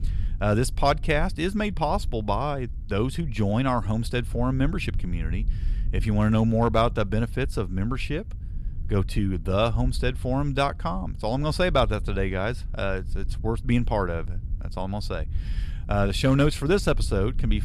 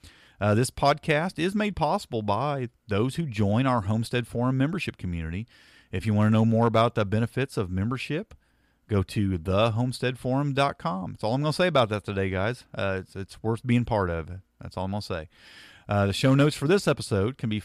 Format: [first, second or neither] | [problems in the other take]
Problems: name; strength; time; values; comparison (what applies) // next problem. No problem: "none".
second | low rumble; faint; throughout; 25 dB below the speech